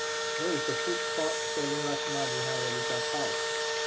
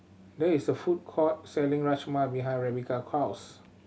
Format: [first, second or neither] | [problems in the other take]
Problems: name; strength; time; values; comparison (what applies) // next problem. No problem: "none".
second | background sound (Engine / Drill); 5 dB above the speech